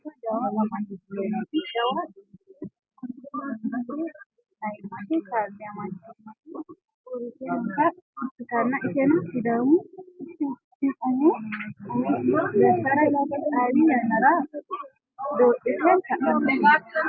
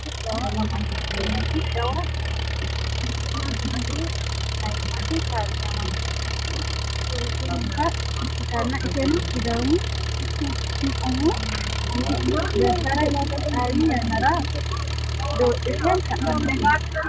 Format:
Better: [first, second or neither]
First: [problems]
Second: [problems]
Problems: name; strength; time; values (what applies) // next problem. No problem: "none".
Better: first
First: none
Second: background sound (Engine); 1 dB above the speech